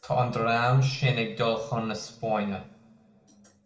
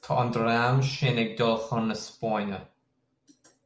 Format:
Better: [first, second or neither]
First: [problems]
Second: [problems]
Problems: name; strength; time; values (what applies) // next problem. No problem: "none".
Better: second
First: room echo; dies away in 1 s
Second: none